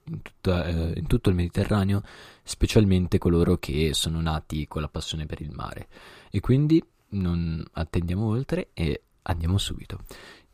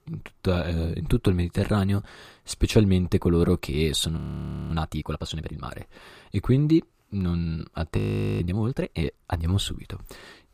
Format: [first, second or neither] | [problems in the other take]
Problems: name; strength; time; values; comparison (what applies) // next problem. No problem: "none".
first | audio freezing; at 4 s for 0.5 s and at 8 s